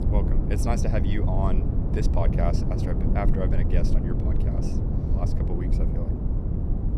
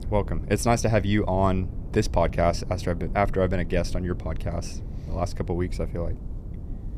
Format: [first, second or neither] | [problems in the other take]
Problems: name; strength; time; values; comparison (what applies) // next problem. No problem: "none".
second | low rumble; loud; throughout; 2 dB below the speech; faint in the second